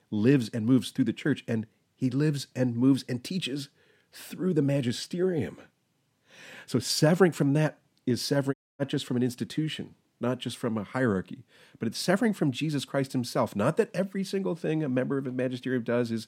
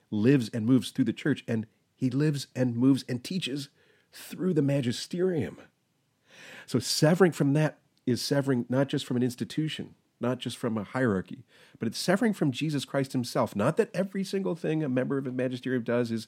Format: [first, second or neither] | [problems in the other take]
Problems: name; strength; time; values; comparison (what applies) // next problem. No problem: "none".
second | audio cutting out; at 8.5 s